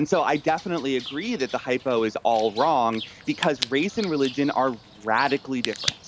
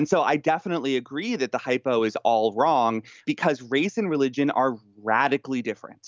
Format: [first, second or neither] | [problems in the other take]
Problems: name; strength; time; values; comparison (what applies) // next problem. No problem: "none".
second | background sound (Crack + Bird); 13 dB below the speech